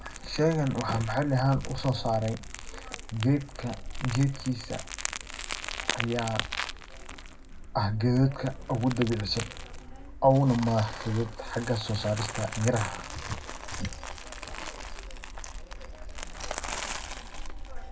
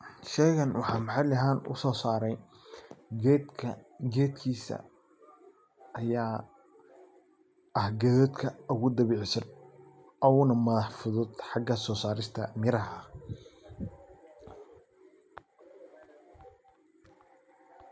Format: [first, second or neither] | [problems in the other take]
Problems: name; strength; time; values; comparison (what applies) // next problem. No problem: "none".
second | background sound (Crumpling, crinkling); 7 dB below the speech // room echo; dies away in 0.3 s